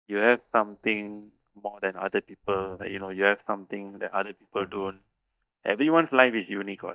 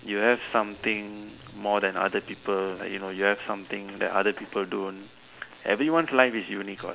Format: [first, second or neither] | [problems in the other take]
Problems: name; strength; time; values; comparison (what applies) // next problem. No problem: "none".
second | noise reduction (neural mask model DeepFilterNet 3)